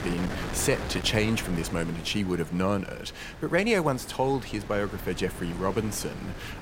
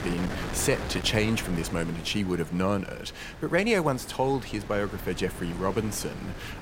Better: neither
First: wind noise on the microphone; occasional gusts; 10 dB below the speech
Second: wind noise on the microphone; occasional gusts; 10 dB below the speech

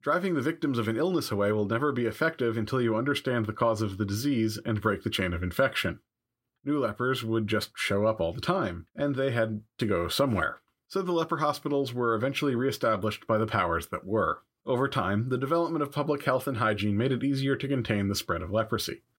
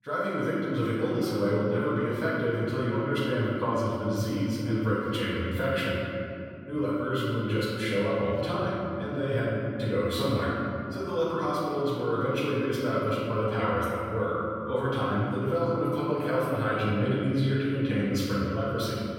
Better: first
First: none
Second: off-mic speech; far // room echo; strong; dies away in 2.7 s

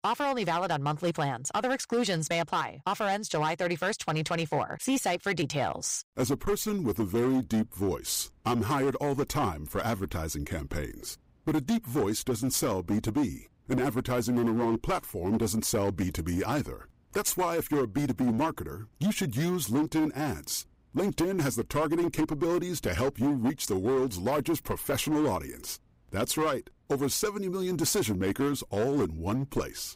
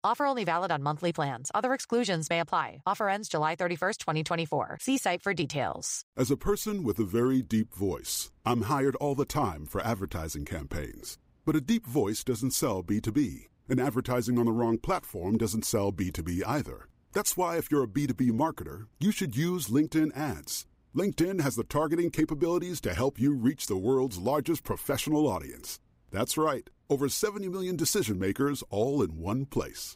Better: second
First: distortion; slight; 11% of the sound clipped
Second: none

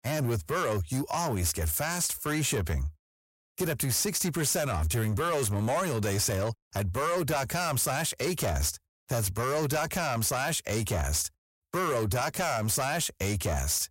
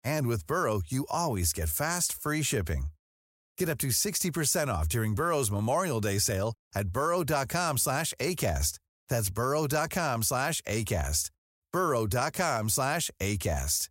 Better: second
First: distortion; slight; 14% of the sound clipped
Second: none

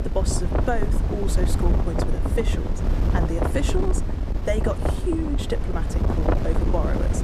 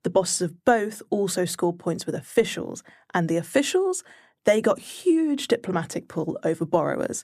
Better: second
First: wind noise on the microphone; heavy; 2 dB below the speech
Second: none

